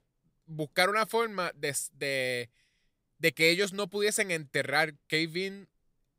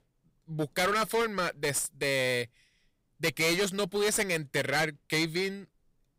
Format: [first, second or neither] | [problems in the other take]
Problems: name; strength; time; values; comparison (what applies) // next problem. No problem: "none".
first | distortion; heavy; 13% of the sound clipped